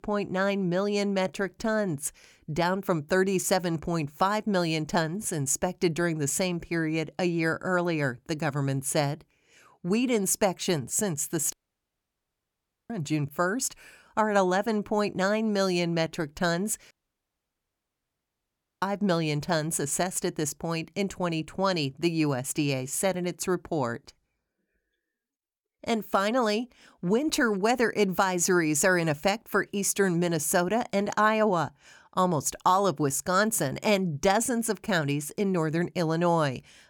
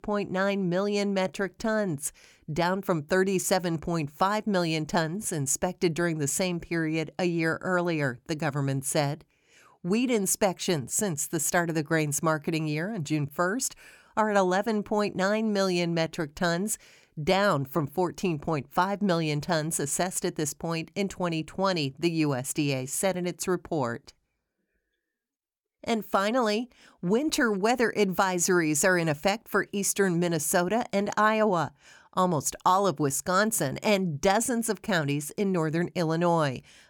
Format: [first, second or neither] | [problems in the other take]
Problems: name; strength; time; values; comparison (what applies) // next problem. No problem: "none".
second | audio cutting out; at 12 s for 1.5 s and at 17 s for 2 s